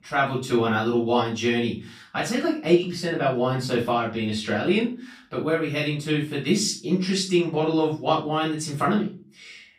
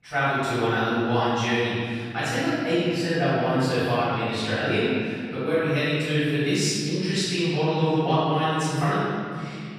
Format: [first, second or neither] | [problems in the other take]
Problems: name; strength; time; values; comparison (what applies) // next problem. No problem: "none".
first | room echo; strong; dies away in 2.6 s; slight in the first // off-mic speech; far; far in the first